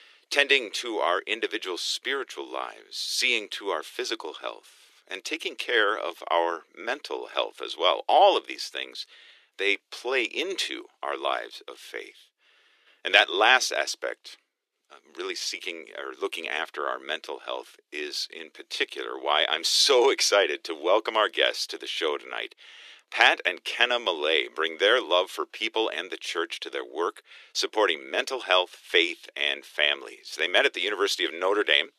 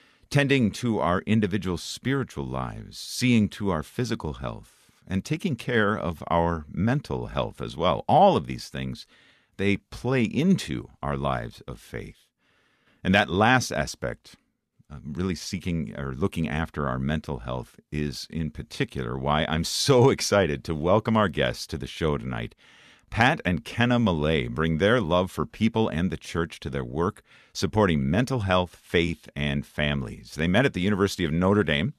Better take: second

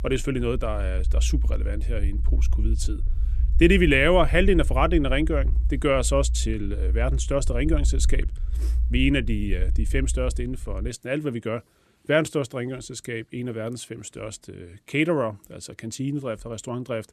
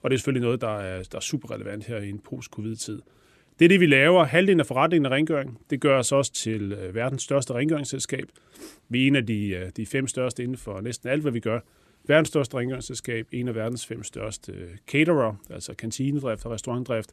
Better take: second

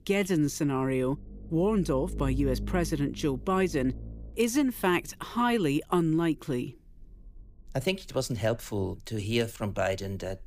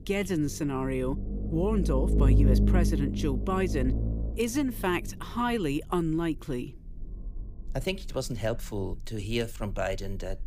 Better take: first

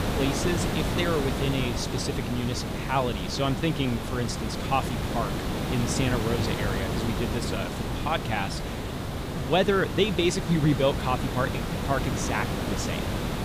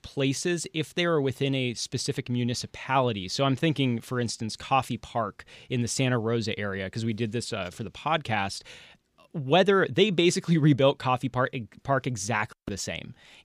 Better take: second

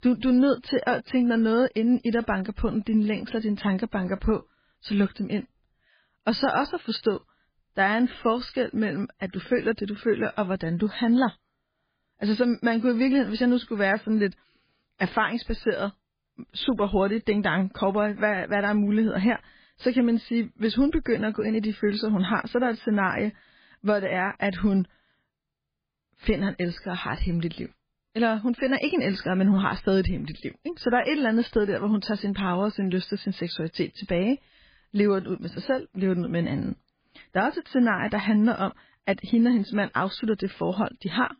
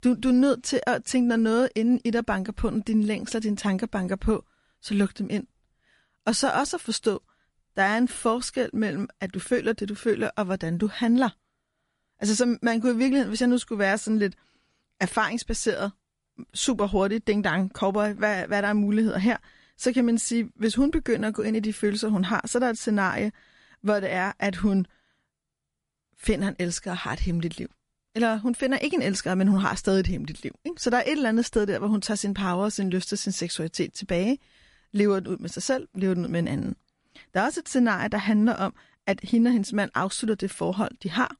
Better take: second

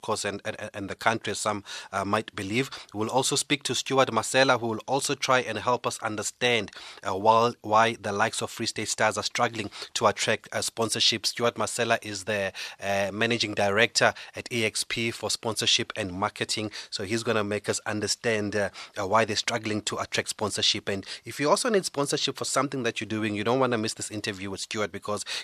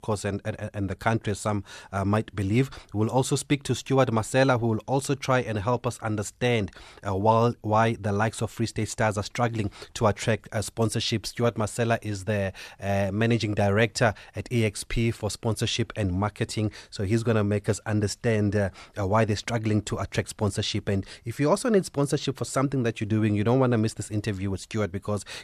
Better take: second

